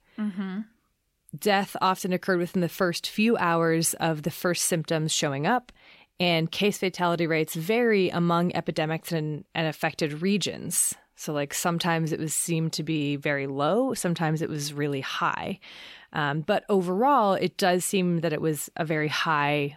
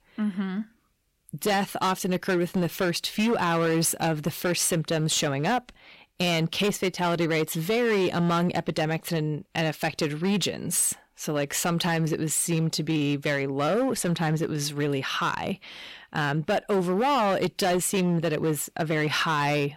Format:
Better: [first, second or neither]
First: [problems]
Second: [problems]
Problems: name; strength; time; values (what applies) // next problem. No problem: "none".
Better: first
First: none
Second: distortion; slight; 12% of the sound clipped